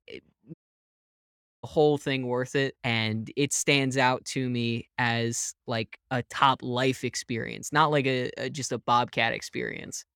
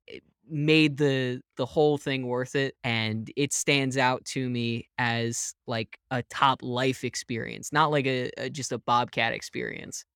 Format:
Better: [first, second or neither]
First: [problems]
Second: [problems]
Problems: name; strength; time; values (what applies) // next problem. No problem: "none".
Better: second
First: audio cutting out; at 0.5 s for 1 s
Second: none